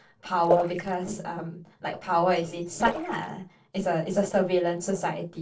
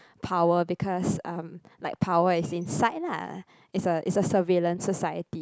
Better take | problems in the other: second | noise reduction (neural separator model SepFormer DNS4)

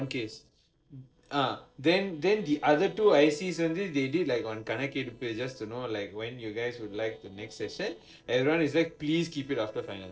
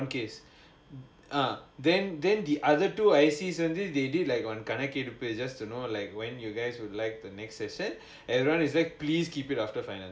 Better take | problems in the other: second | noise reduction (neural separator model SepFormer DNS4)

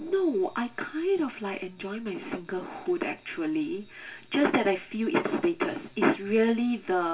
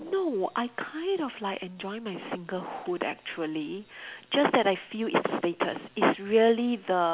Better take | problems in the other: second | room echo; dies away in 0.2 s

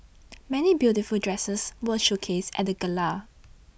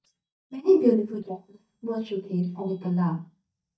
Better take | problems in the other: first | noise reduction (neural mask model DeepFilterNet 3)

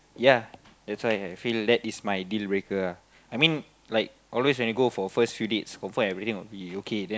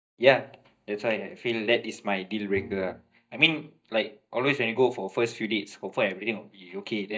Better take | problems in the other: first | noise reduction (neural mask model DeepFilterNet 3)

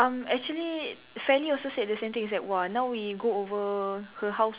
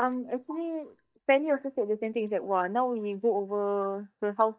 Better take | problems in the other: first | noise reduction (neural mask model DeepFilterNet 3)

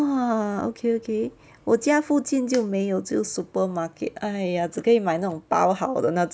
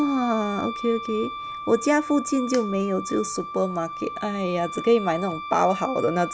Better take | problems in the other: first | background sound (Wind instrument, woodwind instrument); 10 dB below the speech

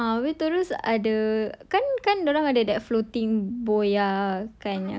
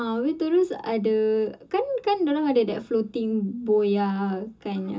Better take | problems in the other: first | room echo; dies away in 0.2 s

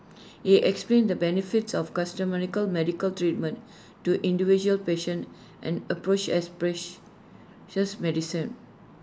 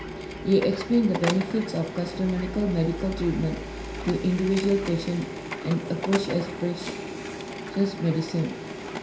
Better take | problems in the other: first | background sound (Printer); 8 dB below the speech // room echo; dies away in 0.5 s

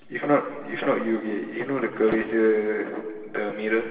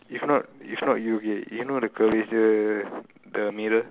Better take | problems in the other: second | room echo; dies away in 1.9 s

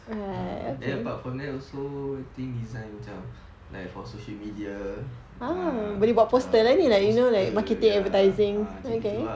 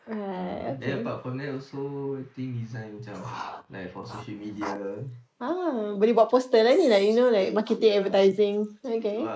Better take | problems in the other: first | noise reduction (neural mask model Resemble Enhance denoiser)

